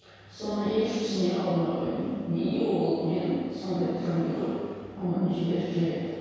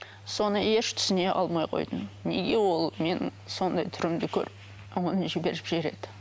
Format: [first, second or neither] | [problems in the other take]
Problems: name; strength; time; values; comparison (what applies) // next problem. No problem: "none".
second | room echo; dies away in 2 s